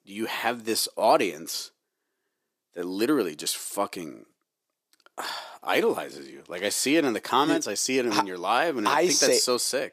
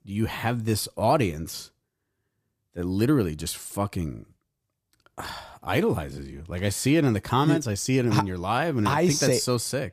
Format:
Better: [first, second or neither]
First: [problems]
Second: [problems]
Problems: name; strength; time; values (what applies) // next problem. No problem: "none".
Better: second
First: thin; somewhat; fading below 300 Hz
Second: none